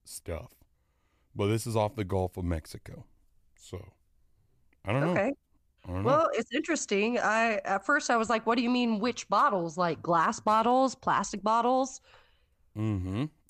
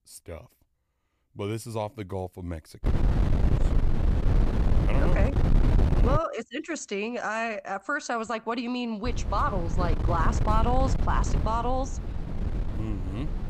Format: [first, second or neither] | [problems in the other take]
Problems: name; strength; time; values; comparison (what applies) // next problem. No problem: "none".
first | wind noise on the microphone; heavy; from 3 to 6 s and from 9 s on; 8 dB below the speech